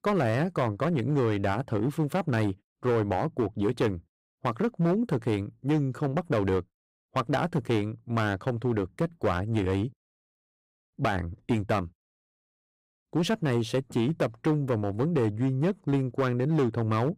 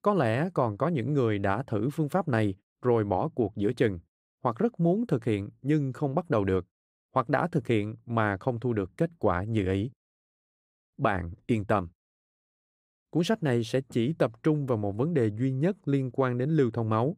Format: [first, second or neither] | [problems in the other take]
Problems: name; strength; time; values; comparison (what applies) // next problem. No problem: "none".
second | distortion; slight; 8% of the sound clipped